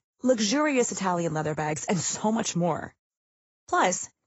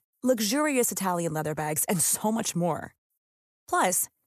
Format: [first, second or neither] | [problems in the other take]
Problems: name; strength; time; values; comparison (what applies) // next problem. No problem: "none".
second | garbled, watery; badly; nothing above 7.5 kHz